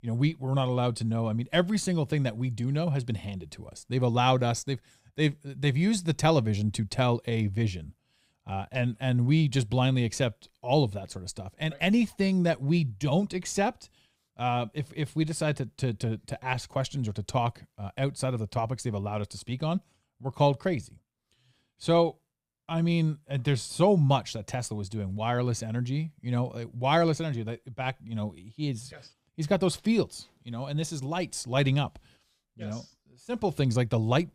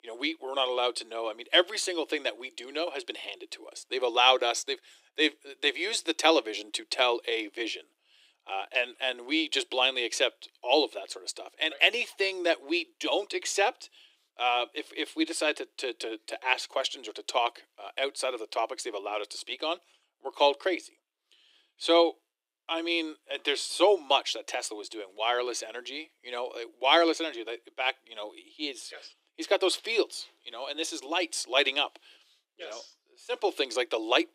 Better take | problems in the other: first | thin; very; fading below 300 Hz

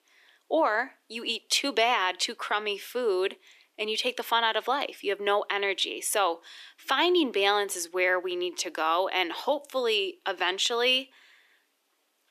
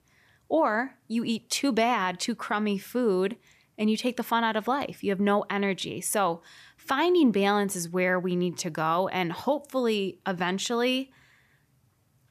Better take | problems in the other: second | thin; somewhat; fading below 300 Hz

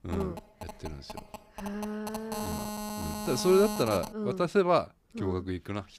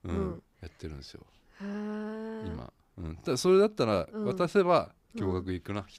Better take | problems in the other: second | phone ringing; noticeable; until 4 s; peak 4 dB below the speech

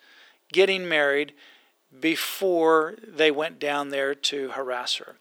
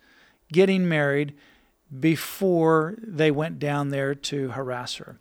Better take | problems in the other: second | thin; somewhat; fading below 350 Hz

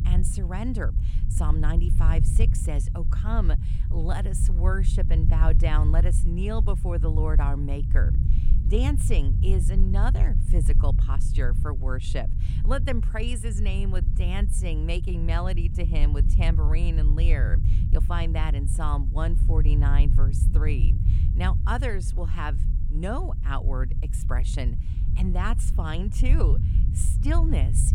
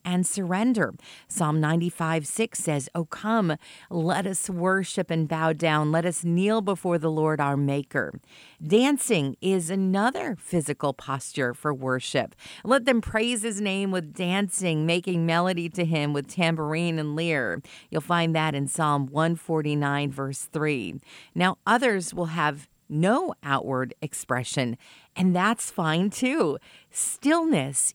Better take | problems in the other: second | low rumble; loud; throughout; 7 dB below the speech

